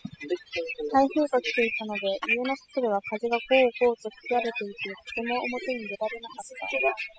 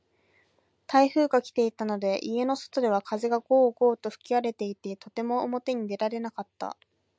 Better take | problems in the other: second | noise reduction (classical method spectral subtraction)

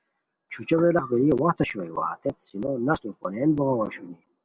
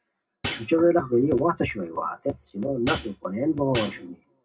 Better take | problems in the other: first | background sound (Hi-hat); 8 dB below the speech // room echo; dies away in 0.2 s

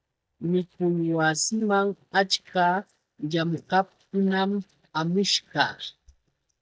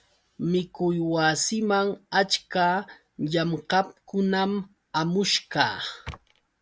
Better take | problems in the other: second | noise reduction (neural mask model DeepFilterNet 3)

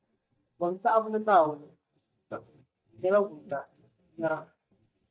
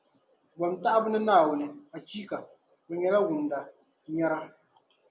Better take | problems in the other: second | noise reduction (neural mask model DeepFilterNet 3)

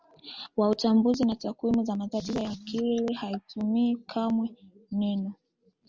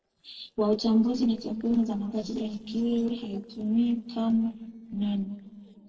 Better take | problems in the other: first | noise reduction (neural separator model SepFormer DNS4)

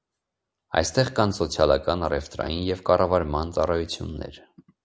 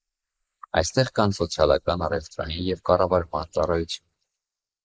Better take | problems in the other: first | noise reduction (neural mask model Resemble Enhance denoiser)

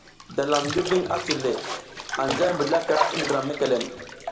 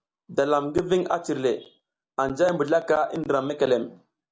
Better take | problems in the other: second | background sound (Bathtub (filling or washing)); 5 dB below the speech // room echo; dies away in 2 s

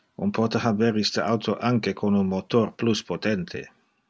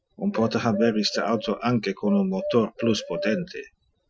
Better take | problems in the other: first | noise reduction (classical method Wiener filter)

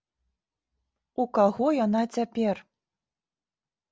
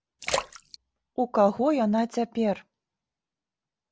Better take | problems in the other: first | background sound (Splash, splatter); 9 dB below the speech

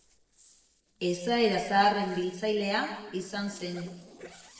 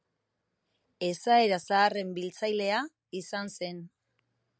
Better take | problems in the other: second | noise reduction (neural separator model SepFormer DNS4)

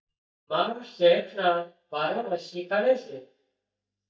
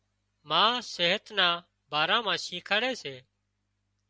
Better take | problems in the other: second | noise reduction (neural mask model DeepFilterNet 3)

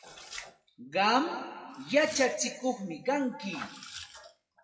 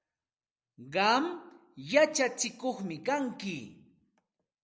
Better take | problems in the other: second | noise reduction (classical method WPE with log-MMSE)

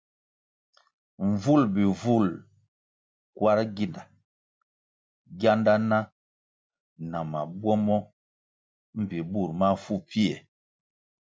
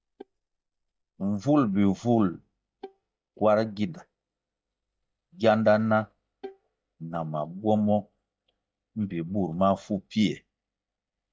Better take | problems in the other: first | noise reduction (neural mask model DeepFilterNet 3)

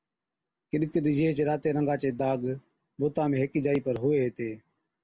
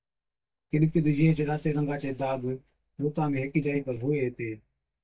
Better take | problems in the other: first | noise reduction (neural mask model DeepFilterNet 3)

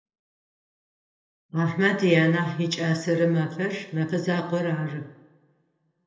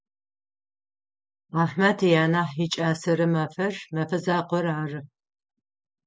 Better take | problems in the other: second | room echo; dies away in 0.7 s

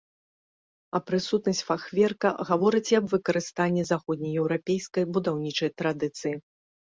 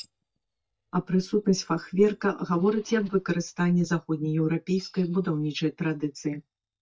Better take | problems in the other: first | noise reduction (neural mask model DeepFilterNet 3)

